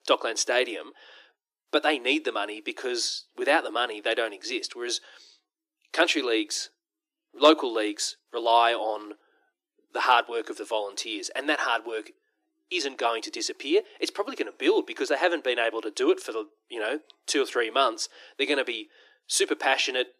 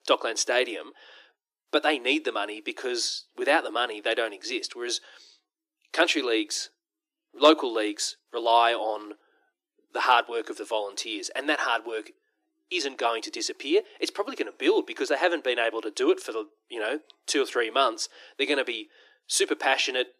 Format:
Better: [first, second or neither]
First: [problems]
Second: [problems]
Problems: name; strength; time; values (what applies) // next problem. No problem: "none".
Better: neither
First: thin; very; fading below 300 Hz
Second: thin; very; fading below 300 Hz